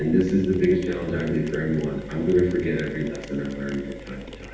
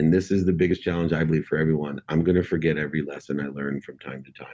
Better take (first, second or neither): second